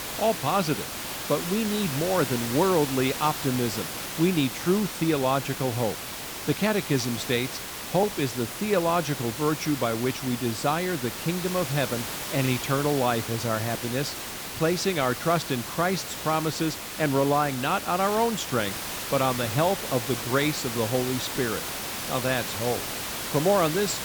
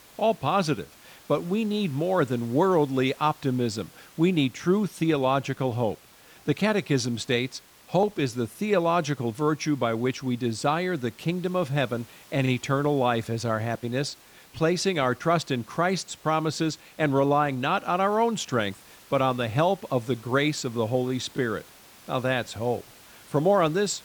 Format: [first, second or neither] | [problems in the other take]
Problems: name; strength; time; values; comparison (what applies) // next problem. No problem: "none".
second | hiss; loud; throughout; 5 dB below the speech; faint in the second